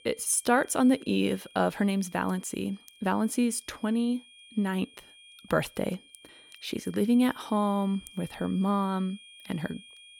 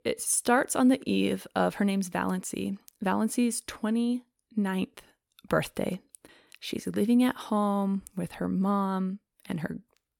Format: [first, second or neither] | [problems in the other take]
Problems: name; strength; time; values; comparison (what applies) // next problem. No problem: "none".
second | high-pitched whine; faint; throughout; 3.5 kHz, 25 dB below the speech